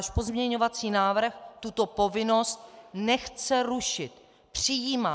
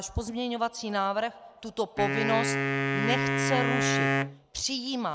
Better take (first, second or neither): first